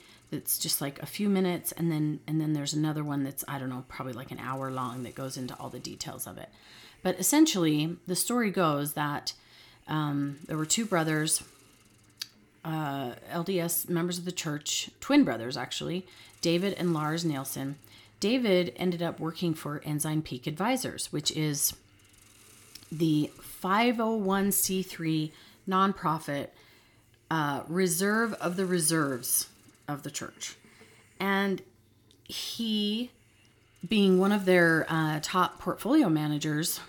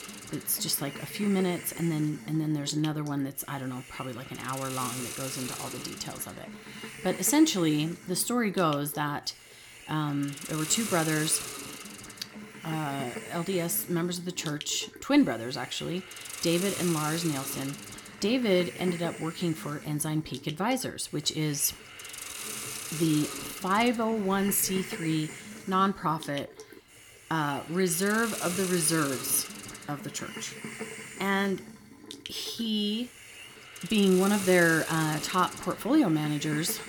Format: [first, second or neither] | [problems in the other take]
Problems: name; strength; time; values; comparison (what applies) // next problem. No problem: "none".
first | hiss; loud; throughout; 10 dB below the speech; faint in the first